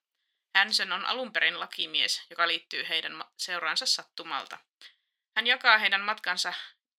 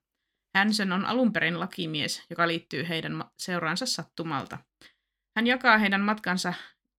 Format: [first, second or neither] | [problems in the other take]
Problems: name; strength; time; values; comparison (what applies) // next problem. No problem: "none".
second | thin; very; fading below 600 Hz